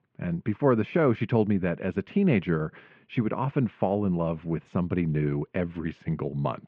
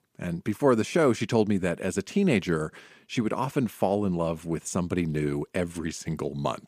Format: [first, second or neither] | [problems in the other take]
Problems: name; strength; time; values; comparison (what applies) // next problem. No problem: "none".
second | muffled; very; fading above 3 kHz